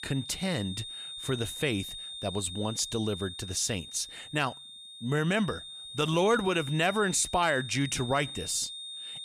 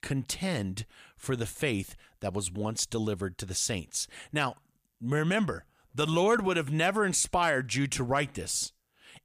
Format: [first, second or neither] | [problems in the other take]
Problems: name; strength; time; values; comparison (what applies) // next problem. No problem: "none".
second | high-pitched whine; loud; throughout; 3.5 kHz, 10 dB below the speech